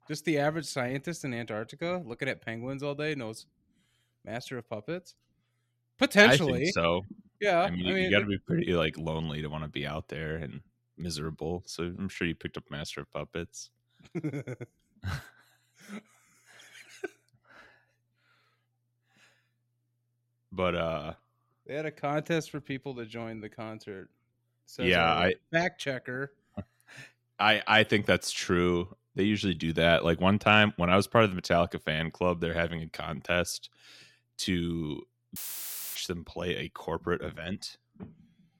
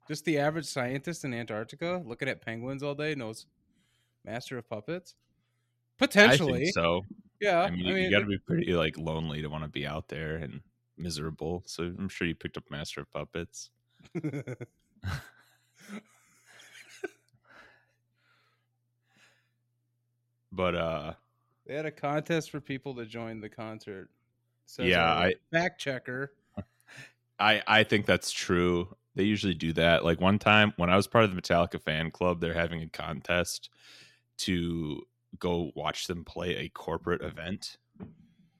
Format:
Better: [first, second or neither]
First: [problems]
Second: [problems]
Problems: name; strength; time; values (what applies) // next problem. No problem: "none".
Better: second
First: audio cutting out; filled with static; at 35 s for 0.5 s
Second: none